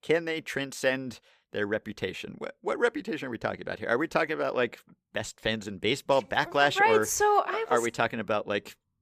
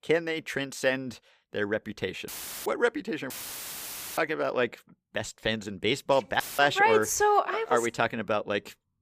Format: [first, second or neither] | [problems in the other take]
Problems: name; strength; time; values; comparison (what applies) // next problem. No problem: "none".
first | audio cutting out; filled with static; at 2.5 s, at 3.5 s for 1 s and at 6.5 s